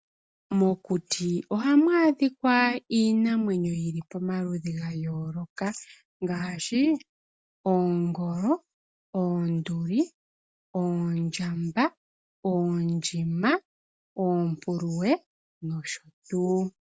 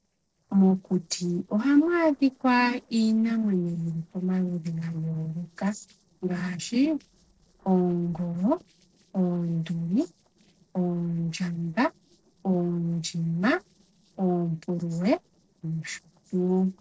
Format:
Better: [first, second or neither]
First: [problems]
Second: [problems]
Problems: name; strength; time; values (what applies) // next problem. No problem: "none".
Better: first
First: none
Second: noise reduction (neural separator model SepFormer DNS4)